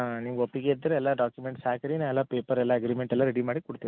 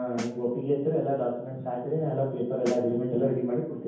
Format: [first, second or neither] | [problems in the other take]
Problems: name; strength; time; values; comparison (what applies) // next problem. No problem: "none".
first | background sound (Snare drum); 15 dB below the speech // room echo; dies away in 0.9 s